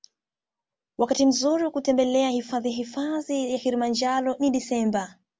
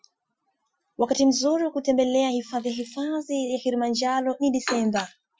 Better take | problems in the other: first | noise reduction (classical method Wiener filter)

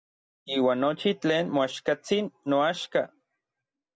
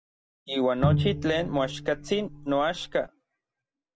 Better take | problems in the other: first | background sound (Bowed string instrument); 2 dB below the speech

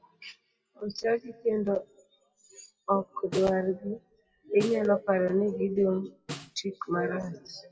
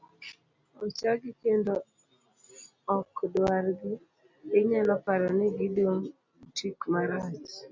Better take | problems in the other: second | noise reduction (classical method WPE with log-MMSE)

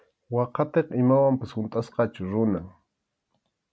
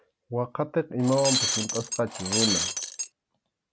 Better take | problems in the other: first | background sound (Shatter); 1 dB above the speech

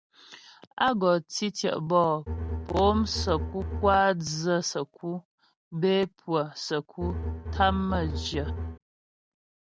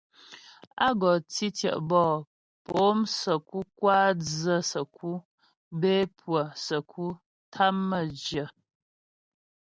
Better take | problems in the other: second | background sound (Bowed string instrument); 4 dB below the speech

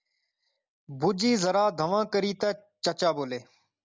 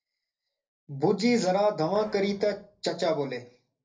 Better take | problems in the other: first | noise reduction (neural separator model SepFormer DNS4)

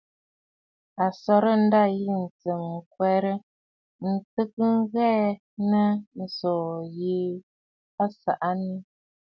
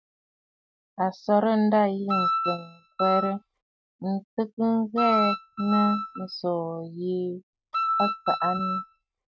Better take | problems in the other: first | noise reduction (neural mask model RNNoise)

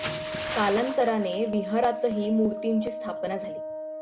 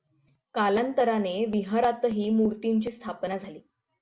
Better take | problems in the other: second | background sound (Bathtub (filling or washing) / Splash, splatter + Wind instrument, woodwind instrument); 6 dB below the speech

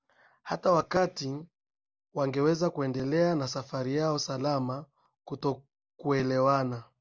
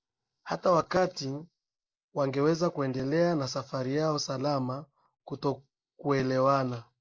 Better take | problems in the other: first | noise reduction (neural mask model Resemble Enhance denoiser)

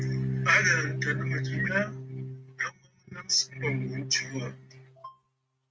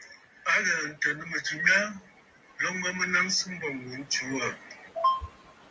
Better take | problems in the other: second | noise reduction (neural mask model RNNoise)

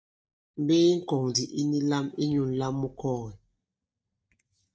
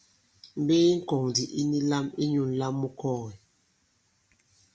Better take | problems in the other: second | noise reduction (neural mask model DeepFilterNet 3)

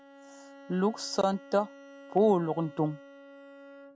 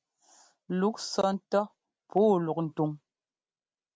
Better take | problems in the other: second | background sound (Bowed string instrument); 19 dB below the speech

